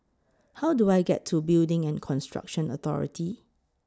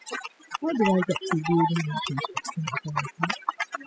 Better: first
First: none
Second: noise reduction (classical method spectral subtraction)

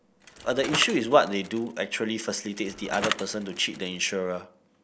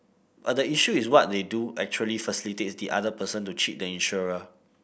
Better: second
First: background sound (Bicycle); 10 dB below the speech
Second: none

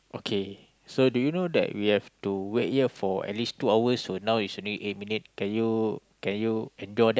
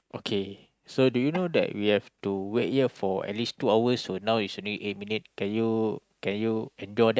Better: first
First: none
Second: noise reduction (neural mask model RNNoise)

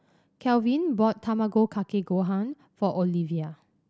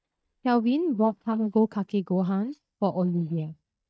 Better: first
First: none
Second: noise reduction (neural mask model DeepFilterNet 3)

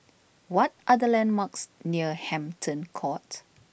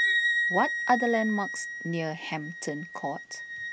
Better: first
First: none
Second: background sound (Wind instrument, woodwind instrument); as loud as the speech

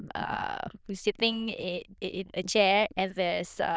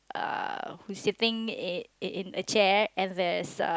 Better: second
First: noise reduction (neural diffusion model UNIVERSE++)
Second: none

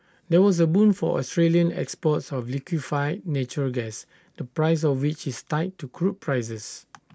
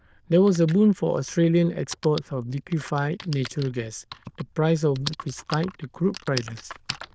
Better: first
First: none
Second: noise reduction (neural diffusion model UNIVERSE++)

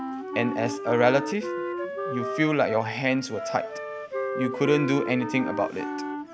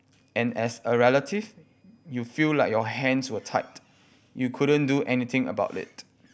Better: second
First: background sound (Wind instrument, woodwind instrument + Wind instrument, woodwind instrument); 5 dB below the speech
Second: none

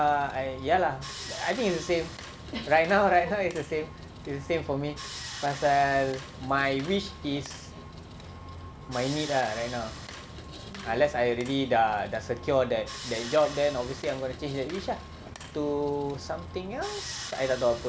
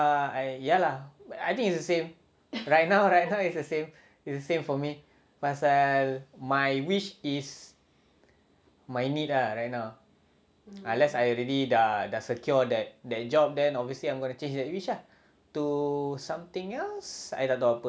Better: second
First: background sound (Sawing); 12 dB below the speech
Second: none

